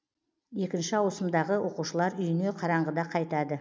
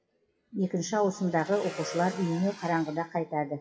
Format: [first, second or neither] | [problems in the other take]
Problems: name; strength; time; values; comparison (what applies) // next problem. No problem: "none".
first | noise reduction (classical method WPE with log-MMSE)